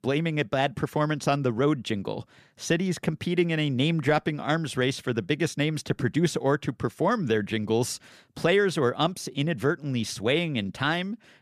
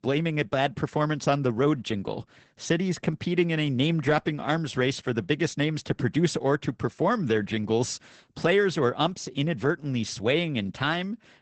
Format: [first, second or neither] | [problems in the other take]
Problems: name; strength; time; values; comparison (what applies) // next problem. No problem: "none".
first | garbled, watery; badly; nothing above 8 kHz